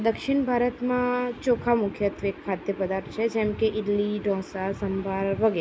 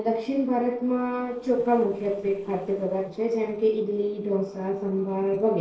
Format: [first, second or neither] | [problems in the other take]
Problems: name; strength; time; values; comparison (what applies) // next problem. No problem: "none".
first | noise reduction (neural separator model SepFormer DNS4)